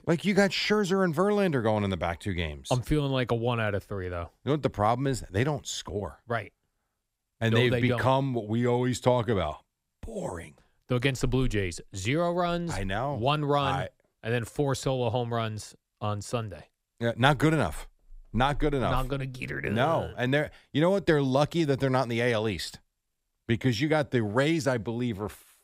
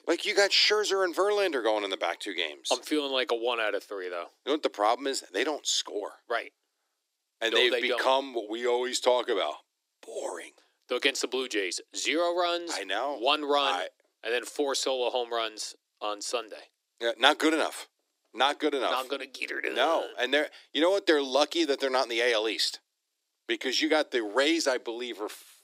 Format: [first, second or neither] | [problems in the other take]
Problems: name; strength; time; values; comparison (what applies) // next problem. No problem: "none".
first | thin; very; fading below 300 Hz